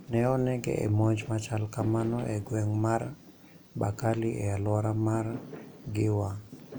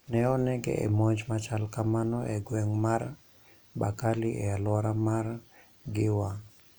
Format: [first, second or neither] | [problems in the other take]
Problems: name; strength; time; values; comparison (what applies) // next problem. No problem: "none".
second | background sound (Fireworks); 17 dB below the speech